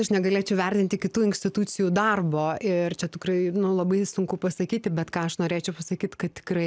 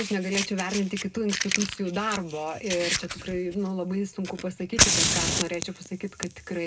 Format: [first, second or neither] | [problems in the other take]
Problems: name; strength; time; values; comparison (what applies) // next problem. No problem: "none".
first | background sound (Fire); as loud as the speech // room echo; dies away in 0.2 s